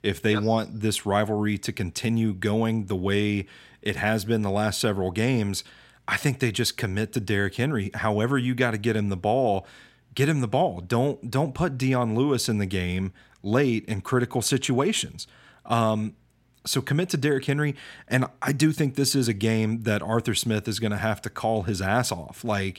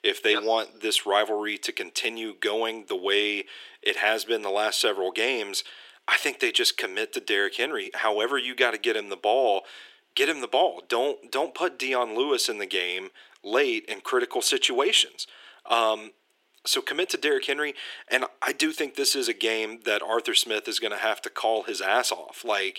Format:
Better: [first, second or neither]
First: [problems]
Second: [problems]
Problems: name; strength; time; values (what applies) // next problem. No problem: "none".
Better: first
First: none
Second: thin; very; fading below 350 Hz